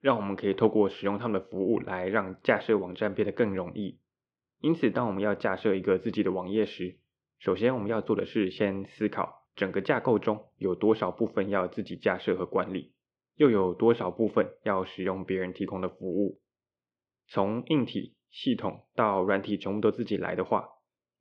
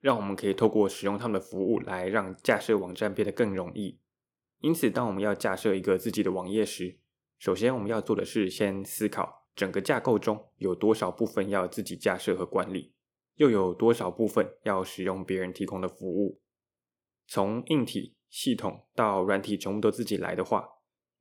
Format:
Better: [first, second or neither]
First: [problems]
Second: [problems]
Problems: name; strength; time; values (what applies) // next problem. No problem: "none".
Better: second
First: muffled; slightly; fading above 3.5 kHz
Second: none